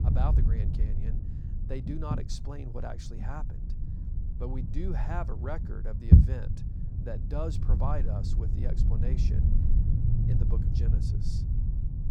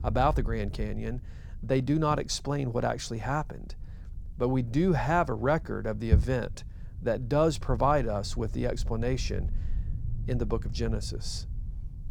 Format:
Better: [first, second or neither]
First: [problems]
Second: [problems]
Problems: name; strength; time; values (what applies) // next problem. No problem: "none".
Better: second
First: low rumble; loud; throughout; 1 dB below the speech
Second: low rumble; faint; throughout; 20 dB below the speech